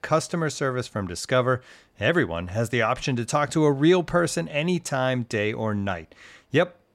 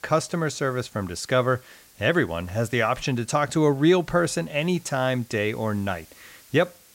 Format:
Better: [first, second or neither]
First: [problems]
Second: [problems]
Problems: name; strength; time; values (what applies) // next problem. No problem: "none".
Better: first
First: none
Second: hiss; faint; throughout; 25 dB below the speech